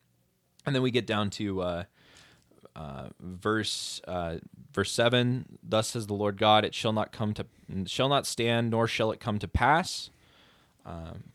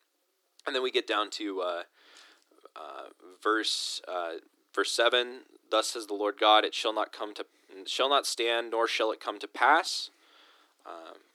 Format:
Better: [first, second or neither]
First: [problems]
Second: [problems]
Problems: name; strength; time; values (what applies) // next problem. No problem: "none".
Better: first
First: none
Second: thin; very; fading below 300 Hz